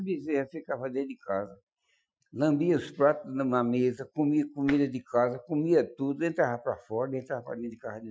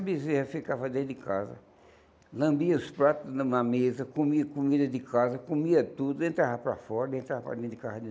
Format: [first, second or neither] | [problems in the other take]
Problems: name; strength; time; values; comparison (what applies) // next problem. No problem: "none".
second | noise reduction (classical method Wiener filter)